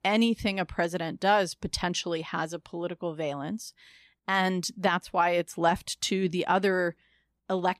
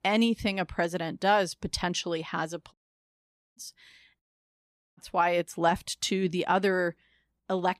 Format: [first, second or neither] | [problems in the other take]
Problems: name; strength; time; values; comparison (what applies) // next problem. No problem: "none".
first | audio cutting out; at 2.5 s for 1 s and at 4 s for 1 s